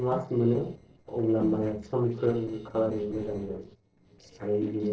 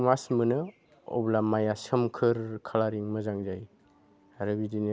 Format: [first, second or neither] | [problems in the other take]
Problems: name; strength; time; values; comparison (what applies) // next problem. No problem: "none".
second | noise reduction (neural separator model SepFormer DNS4)